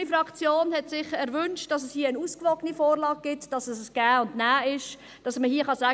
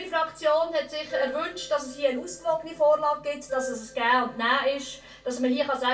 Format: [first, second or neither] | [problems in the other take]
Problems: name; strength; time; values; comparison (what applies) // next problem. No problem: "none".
first | background sound (Keyboard (musical)); 13 dB below the speech // room echo; dies away in 0.2 s